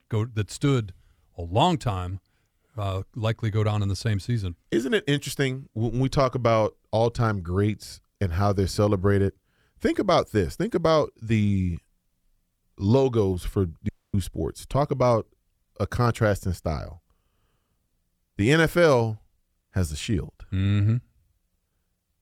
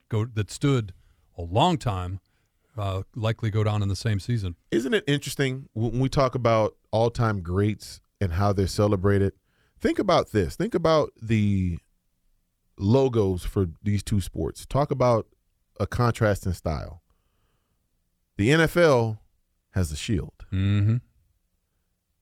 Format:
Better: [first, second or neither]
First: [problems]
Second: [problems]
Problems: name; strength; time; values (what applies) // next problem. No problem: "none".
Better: second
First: audio cutting out; at 14 s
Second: none